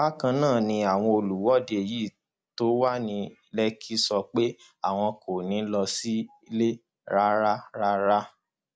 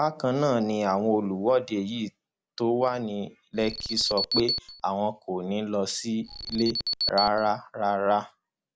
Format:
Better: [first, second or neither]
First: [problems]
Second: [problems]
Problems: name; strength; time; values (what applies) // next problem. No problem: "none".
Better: first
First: none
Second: background sound (Alarm); 4 dB below the speech